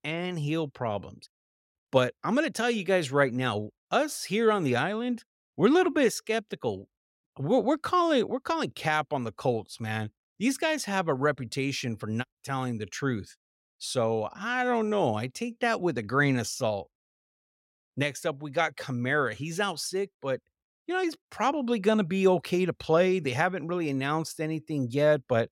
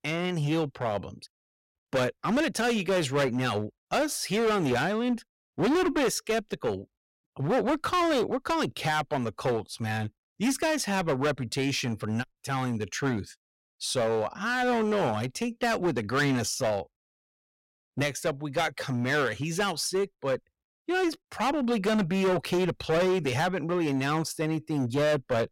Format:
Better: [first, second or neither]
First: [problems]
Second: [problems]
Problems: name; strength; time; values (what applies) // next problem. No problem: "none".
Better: first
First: none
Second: distortion; heavy; 13% of the sound clipped